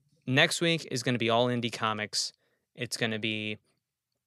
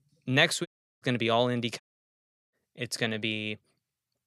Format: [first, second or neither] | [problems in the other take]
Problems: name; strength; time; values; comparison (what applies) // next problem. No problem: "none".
first | audio cutting out; at 0.5 s and at 2 s for 0.5 s